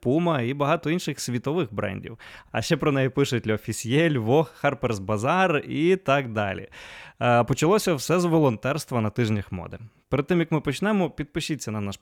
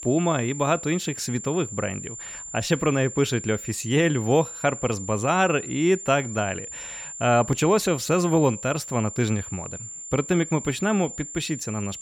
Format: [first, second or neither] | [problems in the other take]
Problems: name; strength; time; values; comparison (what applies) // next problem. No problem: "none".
first | high-pitched whine; noticeable; throughout; 7 kHz, 10 dB below the speech